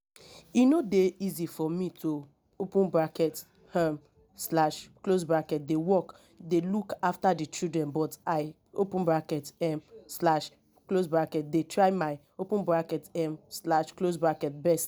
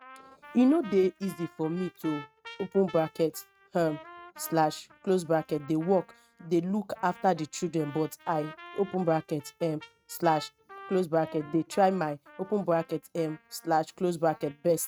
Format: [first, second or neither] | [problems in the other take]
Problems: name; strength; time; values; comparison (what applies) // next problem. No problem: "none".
first | noise reduction (neural mask model RNNoise)